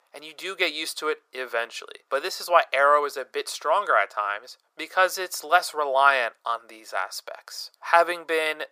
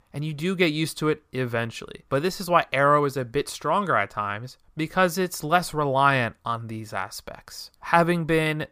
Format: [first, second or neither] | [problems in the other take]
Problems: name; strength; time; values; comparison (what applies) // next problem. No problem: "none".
second | thin; very; fading below 450 Hz